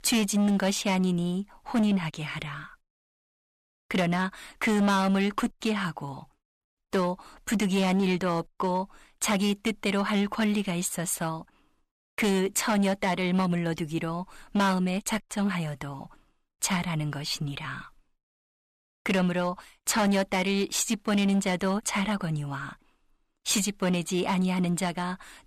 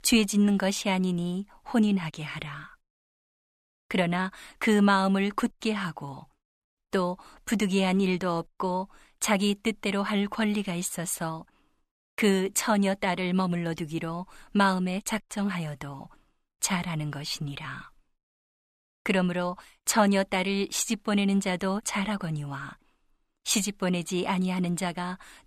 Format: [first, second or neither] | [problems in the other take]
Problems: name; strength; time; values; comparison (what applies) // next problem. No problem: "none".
second | distortion; slight; 7% of the sound clipped